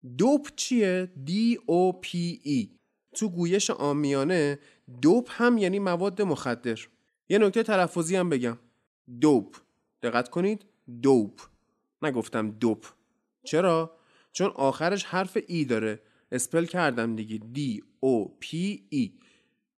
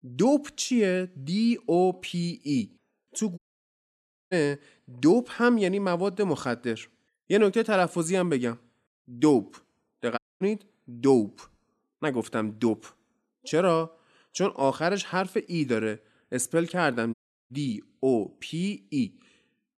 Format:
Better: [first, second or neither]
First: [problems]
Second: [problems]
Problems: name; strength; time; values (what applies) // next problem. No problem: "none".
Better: first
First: none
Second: audio cutting out; at 3.5 s for 1 s, at 10 s and at 17 s